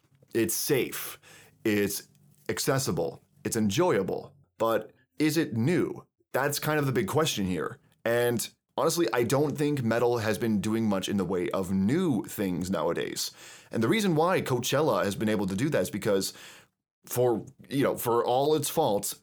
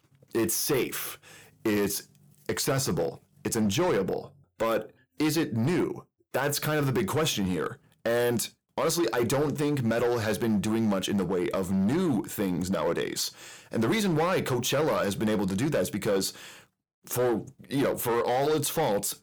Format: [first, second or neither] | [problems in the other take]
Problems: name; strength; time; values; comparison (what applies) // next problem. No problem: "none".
first | distortion; slight; 11% of the sound clipped